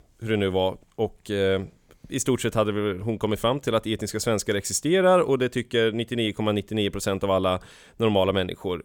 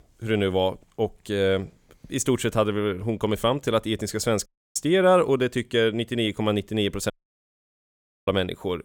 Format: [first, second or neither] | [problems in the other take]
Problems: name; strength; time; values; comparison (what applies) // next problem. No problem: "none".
first | audio cutting out; at 4.5 s and at 7 s for 1 s